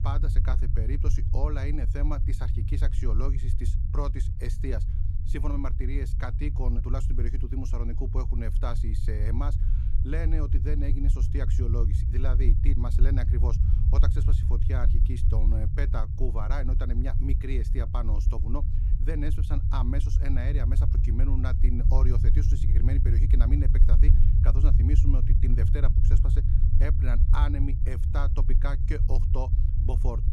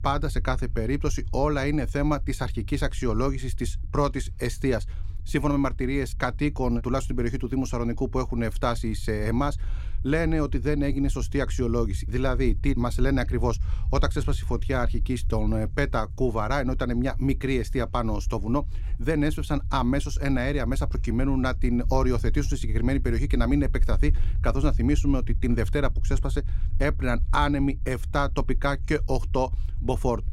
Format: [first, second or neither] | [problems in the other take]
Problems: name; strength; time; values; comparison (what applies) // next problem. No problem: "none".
second | low rumble; loud; throughout; 4 dB below the speech; faint in the second